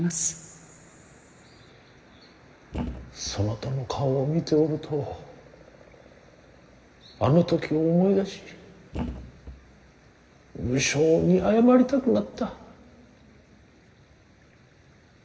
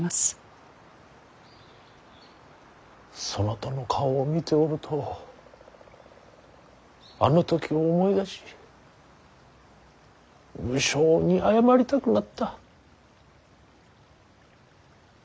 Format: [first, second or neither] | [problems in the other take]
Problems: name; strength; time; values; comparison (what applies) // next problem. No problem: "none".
second | background sound (Thump, thud); 10 dB below the speech // room echo; dies away in 2 s